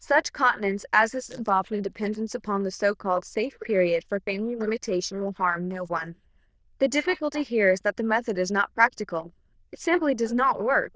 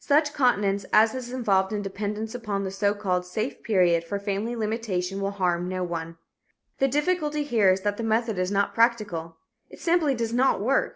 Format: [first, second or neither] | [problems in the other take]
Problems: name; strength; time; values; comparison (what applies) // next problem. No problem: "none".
second | noise reduction (neural diffusion model UNIVERSE++)